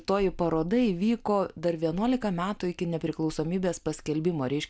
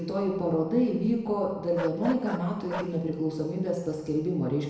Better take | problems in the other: first | background sound (Bark); 14 dB below the speech // room echo; dies away in 1 s

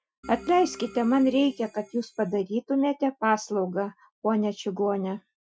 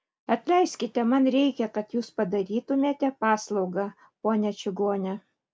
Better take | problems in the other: second | noise reduction (classical method Wiener filter)

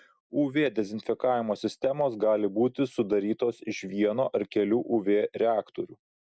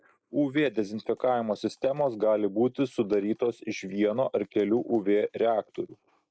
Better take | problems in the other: first | noise reduction (neural mask model Resemble Enhance denoiser)

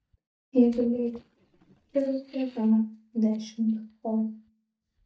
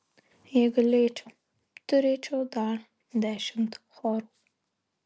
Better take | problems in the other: second | noise reduction (neural mask model DeepFilterNet 3)

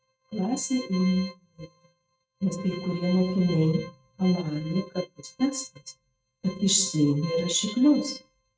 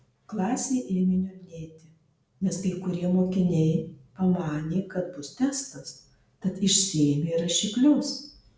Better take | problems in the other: second | noise reduction (neural mask model RNNoise)

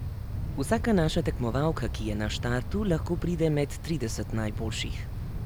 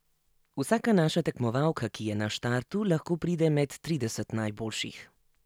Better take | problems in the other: second | background sound (Wind); 4 dB below the speech

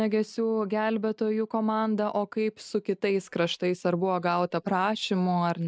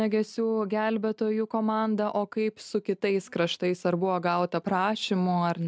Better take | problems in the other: second | noise reduction (neural mask model Resemble Enhance denoiser)

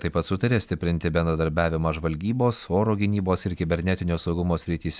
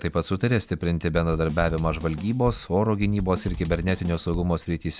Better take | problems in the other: first | background sound (Drum / Drum kit); 11 dB below the speech

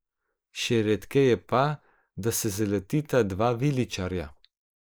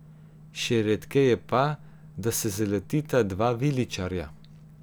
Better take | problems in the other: second | noise reduction (neural mask model Resemble Enhance denoiser)

